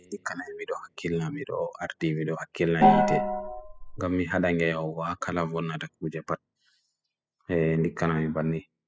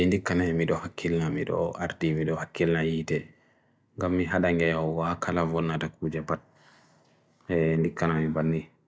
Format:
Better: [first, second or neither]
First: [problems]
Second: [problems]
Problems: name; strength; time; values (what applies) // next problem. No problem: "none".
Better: second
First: noise reduction (classical method spectral subtraction)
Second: none